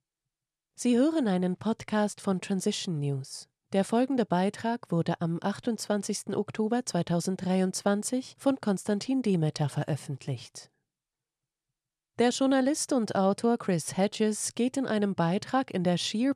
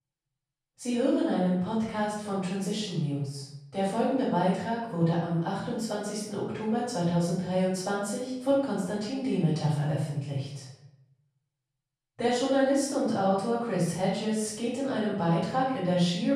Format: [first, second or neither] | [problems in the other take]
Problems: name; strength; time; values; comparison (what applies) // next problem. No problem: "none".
first | off-mic speech; far // room echo; noticeable; dies away in 0.7 s